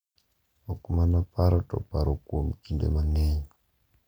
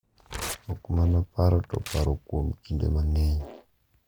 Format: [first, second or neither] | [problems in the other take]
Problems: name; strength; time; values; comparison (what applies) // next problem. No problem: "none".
first | background sound (Tearing + Fart); 16 dB below the speech